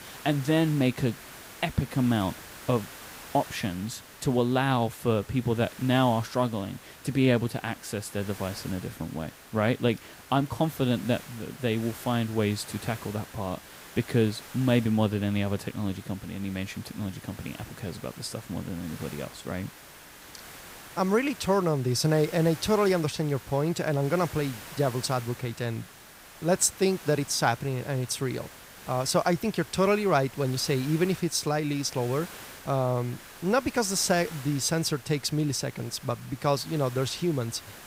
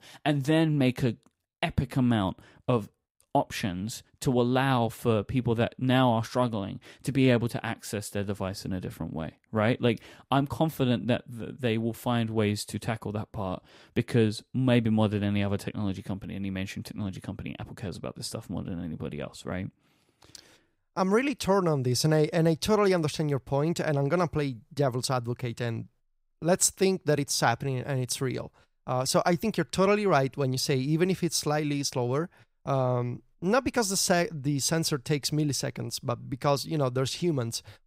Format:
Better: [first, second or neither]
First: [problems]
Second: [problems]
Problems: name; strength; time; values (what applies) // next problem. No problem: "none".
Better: second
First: hiss; noticeable; throughout; 15 dB below the speech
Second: none